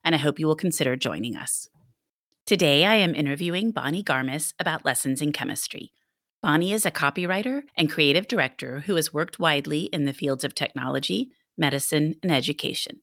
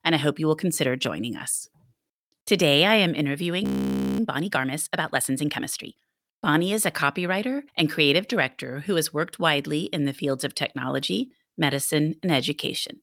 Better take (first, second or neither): first